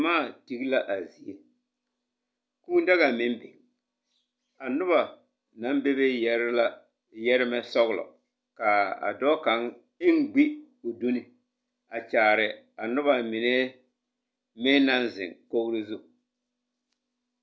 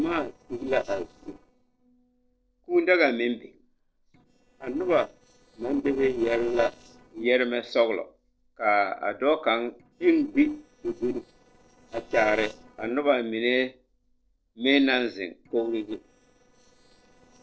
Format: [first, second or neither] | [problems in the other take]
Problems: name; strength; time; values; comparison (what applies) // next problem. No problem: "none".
first | noise reduction (neural separator model SepFormer DNS4)